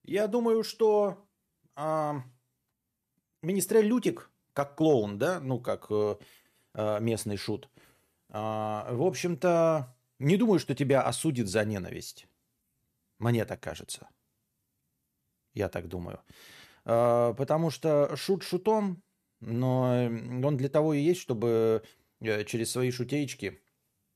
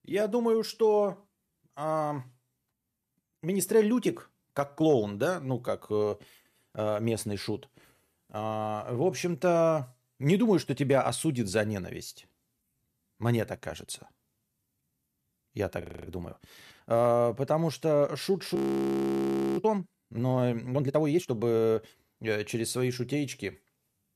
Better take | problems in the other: first | audio freezing; at 16 s and at 19 s for 1 s

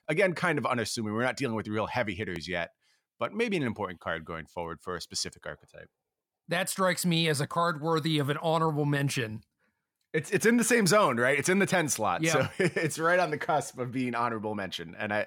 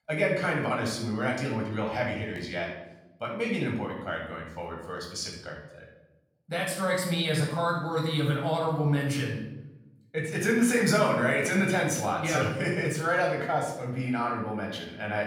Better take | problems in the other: first | off-mic speech; somewhat distant // room echo; noticeable; dies away in 0.8 s

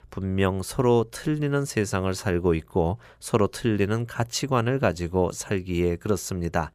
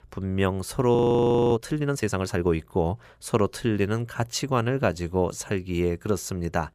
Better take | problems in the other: first | audio freezing; at 1 s for 0.5 s

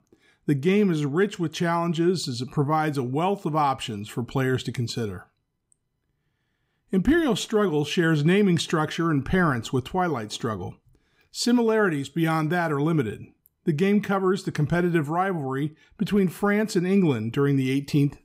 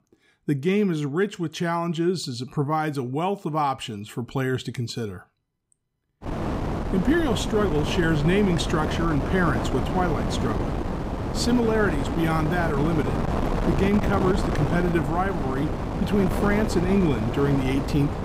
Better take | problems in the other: first | wind noise on the microphone; heavy; from 6 s on; 3 dB below the speech

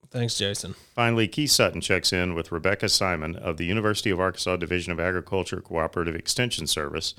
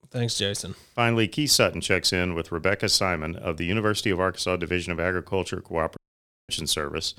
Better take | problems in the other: first | audio cutting out; at 6 s for 0.5 s

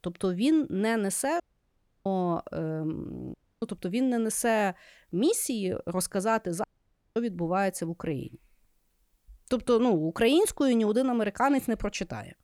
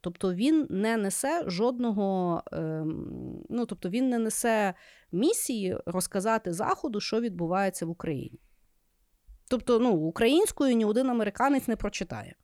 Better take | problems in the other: second | audio cutting out; at 1.5 s for 0.5 s, at 3.5 s and at 6.5 s for 0.5 s

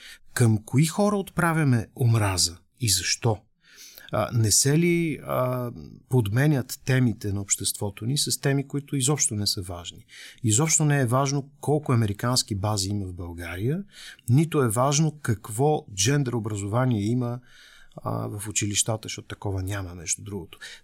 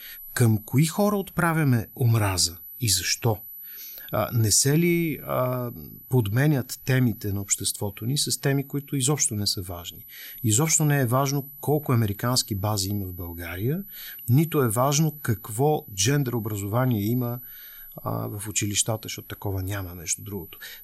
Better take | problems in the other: first | high-pitched whine; noticeable; throughout; 12 kHz, 15 dB below the speech

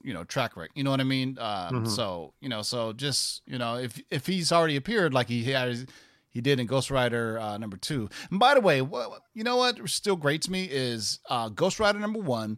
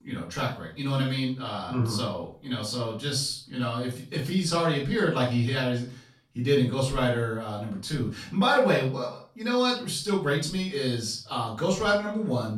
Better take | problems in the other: first | off-mic speech; far // room echo; slight; dies away in 0.3 s

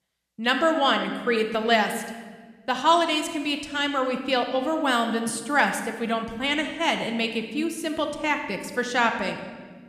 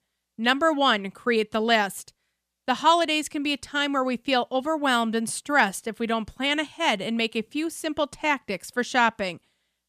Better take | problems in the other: second | room echo; slight; dies away in 1.2 s

